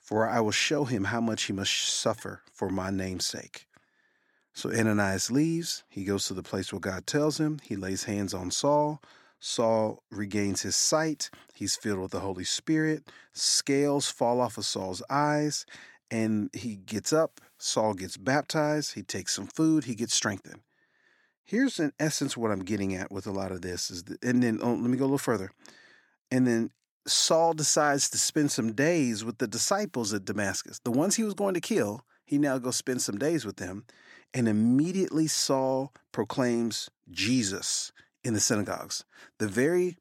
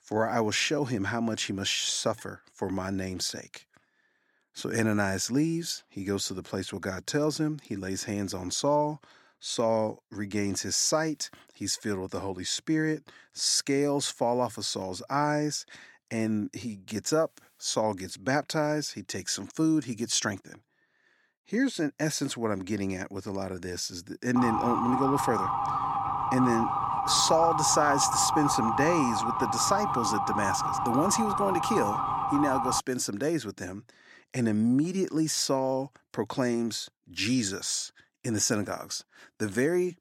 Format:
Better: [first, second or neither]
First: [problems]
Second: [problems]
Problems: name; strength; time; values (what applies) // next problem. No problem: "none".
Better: first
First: none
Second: siren; loud; from 24 to 33 s; peak 2 dB above the speech